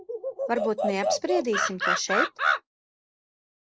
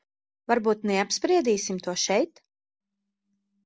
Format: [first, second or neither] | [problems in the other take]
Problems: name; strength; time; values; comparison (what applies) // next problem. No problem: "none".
second | noise reduction (neural mask model Resemble Enhance denoiser)